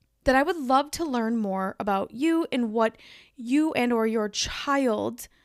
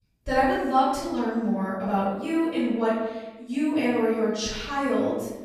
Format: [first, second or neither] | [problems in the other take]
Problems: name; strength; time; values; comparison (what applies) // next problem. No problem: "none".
first | off-mic speech; far // room echo; strong; dies away in 1 s